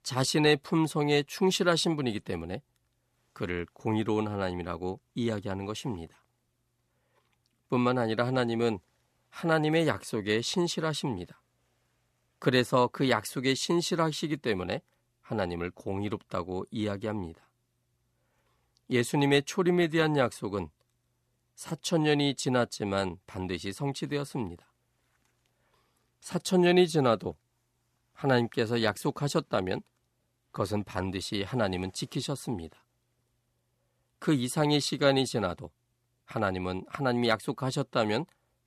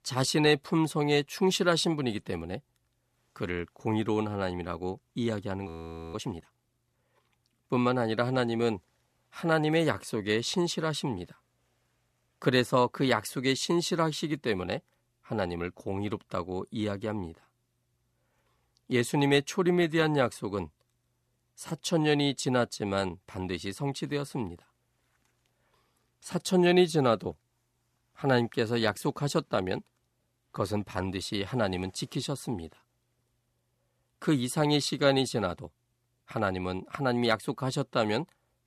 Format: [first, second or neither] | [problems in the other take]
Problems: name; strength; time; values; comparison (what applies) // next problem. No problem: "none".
first | audio freezing; at 5.5 s